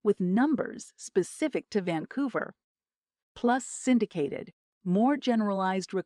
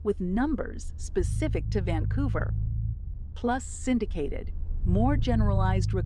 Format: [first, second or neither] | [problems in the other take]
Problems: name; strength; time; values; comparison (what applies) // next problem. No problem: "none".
first | low rumble; noticeable; throughout; 10 dB below the speech